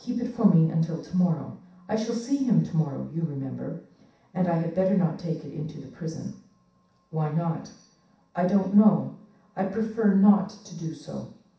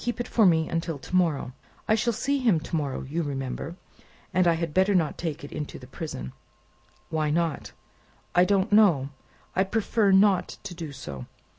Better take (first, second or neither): second